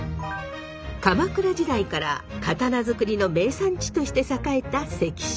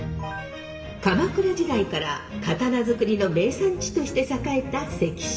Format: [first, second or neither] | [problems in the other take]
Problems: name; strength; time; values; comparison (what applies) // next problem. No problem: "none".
first | room echo; dies away in 1.6 s